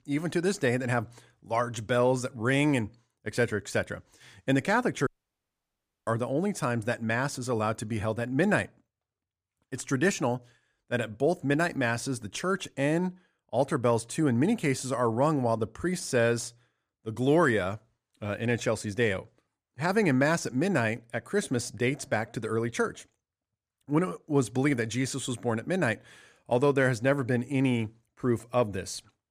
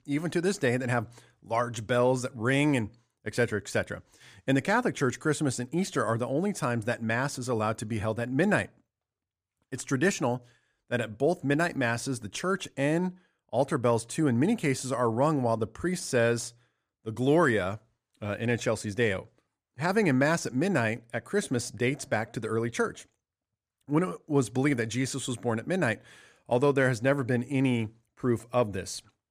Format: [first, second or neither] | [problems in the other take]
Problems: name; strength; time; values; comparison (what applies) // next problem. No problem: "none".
second | audio cutting out; at 5 s for 1 s